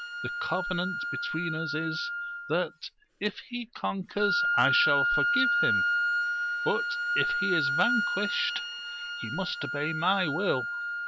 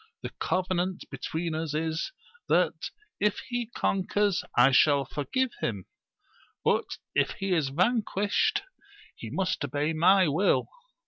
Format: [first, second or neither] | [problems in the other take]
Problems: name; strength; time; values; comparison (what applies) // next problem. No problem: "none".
second | background sound (Wind instrument, woodwind instrument); 2 dB above the speech